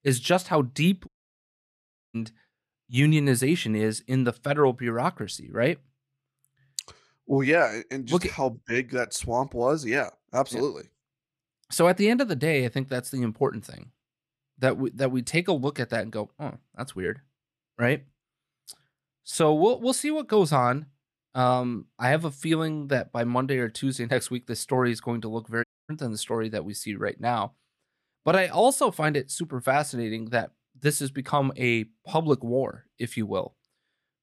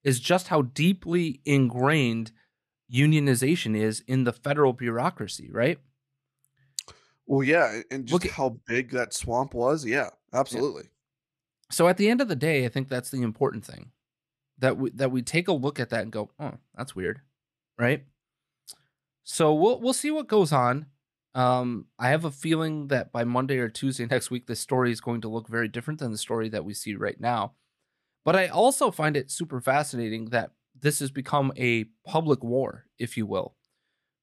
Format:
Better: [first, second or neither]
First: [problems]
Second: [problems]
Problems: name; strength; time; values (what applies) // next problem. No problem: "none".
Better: second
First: audio cutting out; at 1 s for 1 s and at 26 s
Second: none